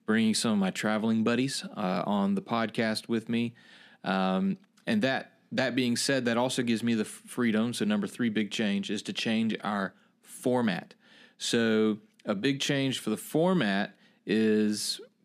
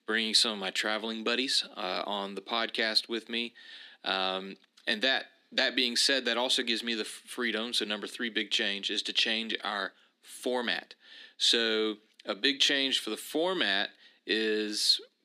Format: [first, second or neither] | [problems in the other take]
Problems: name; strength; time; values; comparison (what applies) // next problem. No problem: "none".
first | thin; somewhat; fading below 300 Hz